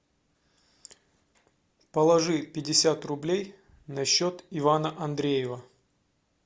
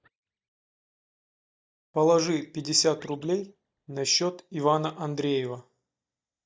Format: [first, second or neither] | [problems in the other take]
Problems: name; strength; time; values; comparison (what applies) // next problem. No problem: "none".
first | noise reduction (neural mask model DeepFilterNet 3)